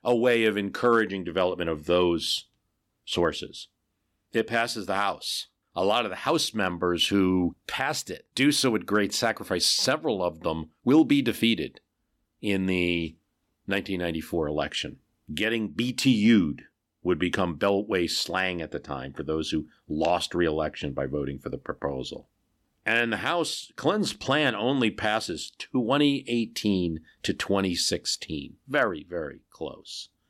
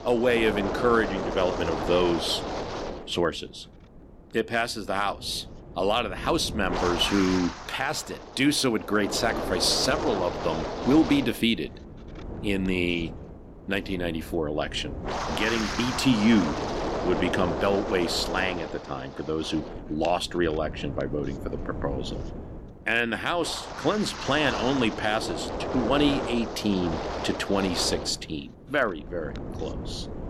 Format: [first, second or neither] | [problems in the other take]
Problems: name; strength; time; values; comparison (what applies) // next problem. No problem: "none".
first | wind noise on the microphone; heavy; 5 dB below the speech